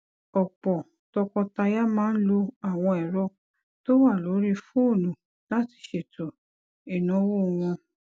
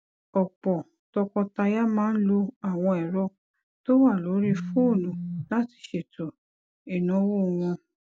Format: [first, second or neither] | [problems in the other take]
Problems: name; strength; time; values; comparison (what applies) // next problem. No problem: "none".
first | background sound (Telephone); 6 dB below the speech